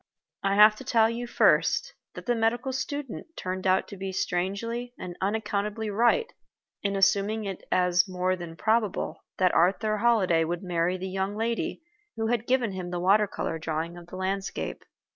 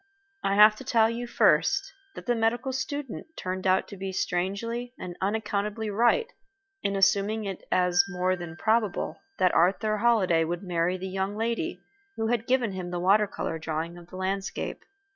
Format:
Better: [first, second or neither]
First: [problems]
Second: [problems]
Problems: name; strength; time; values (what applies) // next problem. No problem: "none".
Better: first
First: none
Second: noise reduction (classical method log-MMSE)